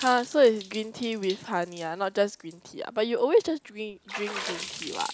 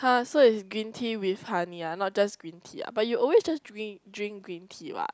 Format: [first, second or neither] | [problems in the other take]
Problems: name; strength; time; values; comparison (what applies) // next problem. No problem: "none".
second | background sound (Water / Splash, splatter); 14 dB below the speech